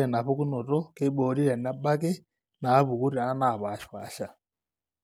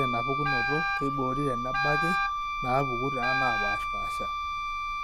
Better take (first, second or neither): first